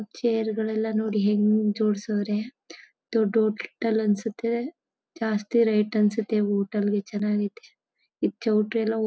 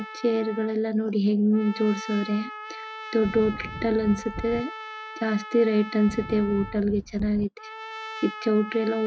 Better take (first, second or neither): first